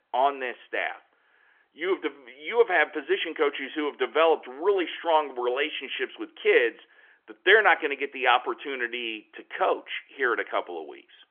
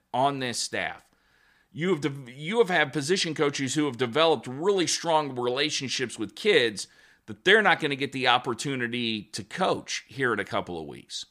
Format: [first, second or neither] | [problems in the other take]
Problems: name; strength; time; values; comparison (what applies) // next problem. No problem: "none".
second | phone-call audio; nothing above 3.5 kHz